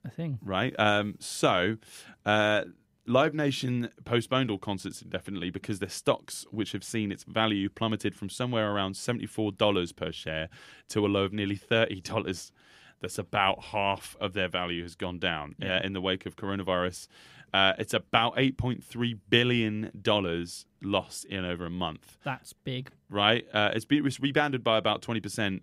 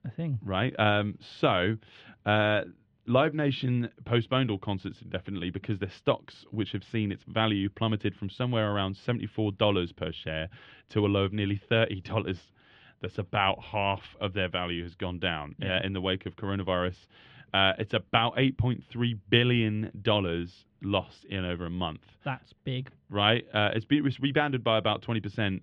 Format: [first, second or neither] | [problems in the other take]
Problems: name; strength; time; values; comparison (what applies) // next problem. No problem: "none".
first | muffled; slightly; fading above 3.5 kHz